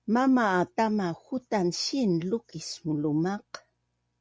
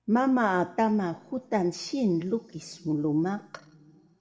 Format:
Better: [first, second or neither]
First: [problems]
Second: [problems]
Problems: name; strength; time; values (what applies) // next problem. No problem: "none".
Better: first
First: none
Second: room echo; dies away in 1.7 s